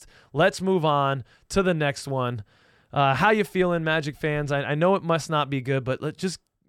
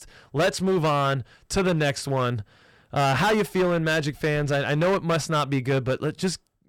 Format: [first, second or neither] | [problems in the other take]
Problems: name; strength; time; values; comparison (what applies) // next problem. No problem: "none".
first | distortion; heavy; 12% of the sound clipped